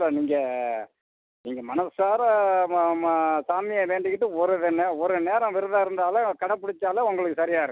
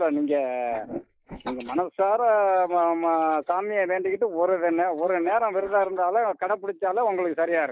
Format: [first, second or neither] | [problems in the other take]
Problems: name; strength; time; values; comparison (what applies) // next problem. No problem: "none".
first | noise reduction (neural mask model Resemble Enhance denoiser)